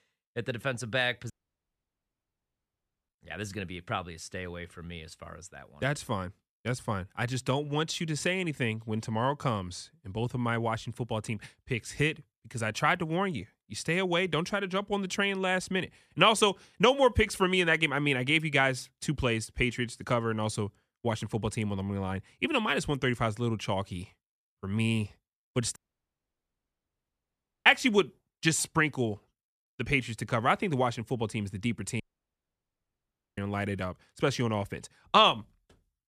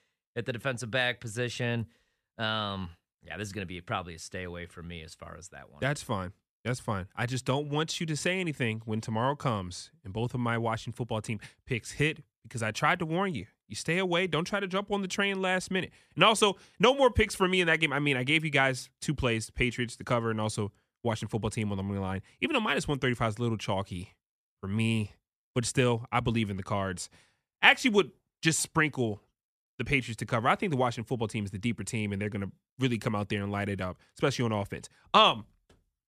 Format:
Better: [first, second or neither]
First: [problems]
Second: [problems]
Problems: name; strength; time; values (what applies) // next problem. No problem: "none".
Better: second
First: audio cutting out; at 1.5 s for 2 s, at 26 s for 2 s and at 32 s for 1.5 s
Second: none